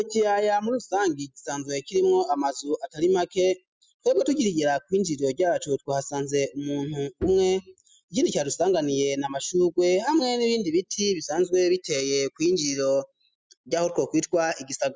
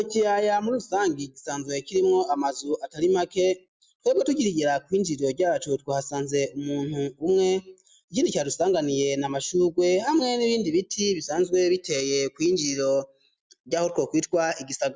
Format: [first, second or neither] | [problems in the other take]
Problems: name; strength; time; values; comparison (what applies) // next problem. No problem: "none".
second | noise reduction (classical method spectral subtraction)